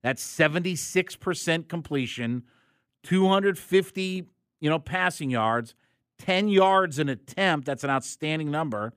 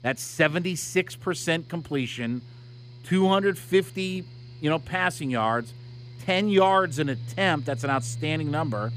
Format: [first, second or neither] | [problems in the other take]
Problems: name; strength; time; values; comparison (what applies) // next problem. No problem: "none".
first | machinery noise; noticeable; throughout; 15 dB below the speech